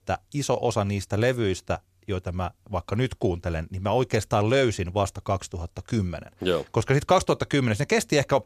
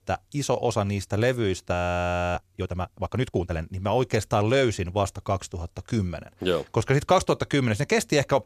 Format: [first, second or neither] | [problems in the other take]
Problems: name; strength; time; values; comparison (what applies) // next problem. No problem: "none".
first | audio freezing; at 1.5 s for 0.5 s